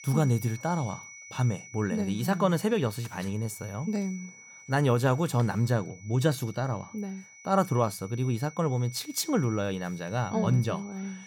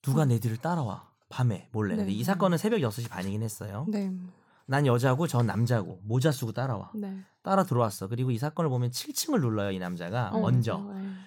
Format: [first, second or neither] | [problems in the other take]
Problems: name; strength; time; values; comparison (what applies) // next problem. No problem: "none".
second | high-pitched whine; noticeable; throughout; 2 kHz, 20 dB below the speech